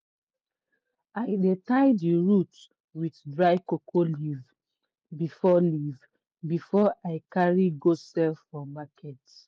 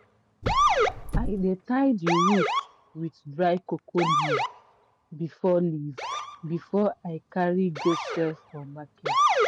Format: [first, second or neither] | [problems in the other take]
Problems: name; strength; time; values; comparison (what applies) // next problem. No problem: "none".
first | background sound (Car + Motor vehicle (road) / Siren); as loud as the speech